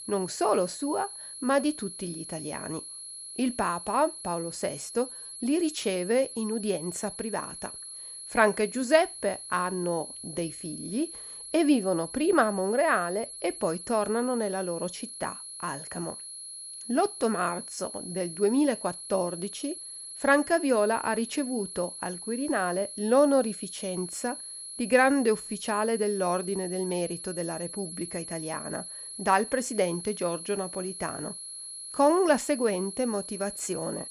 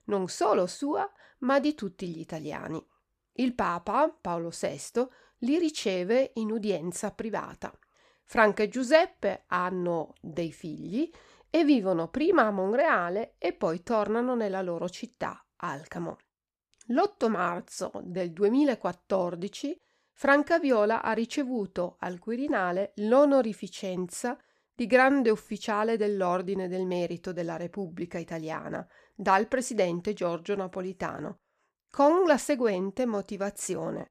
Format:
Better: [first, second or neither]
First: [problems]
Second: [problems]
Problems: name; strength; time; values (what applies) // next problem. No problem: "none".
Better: second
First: high-pitched whine; loud; throughout; 11 kHz, 10 dB below the speech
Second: none